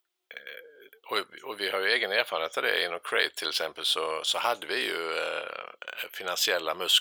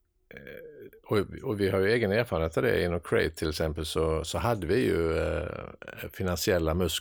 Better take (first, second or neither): second